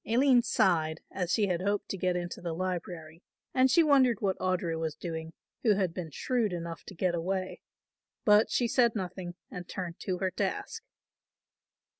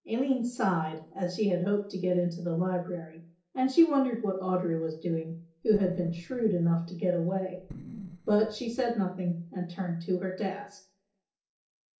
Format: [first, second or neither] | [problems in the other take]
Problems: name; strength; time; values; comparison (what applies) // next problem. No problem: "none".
first | noise reduction (neural separator model SepFormer DNS4)